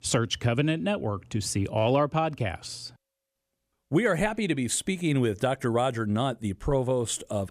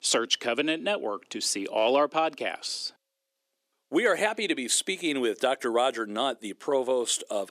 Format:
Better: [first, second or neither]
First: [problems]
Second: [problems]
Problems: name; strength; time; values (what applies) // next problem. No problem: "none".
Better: first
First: none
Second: thin; somewhat; fading below 300 Hz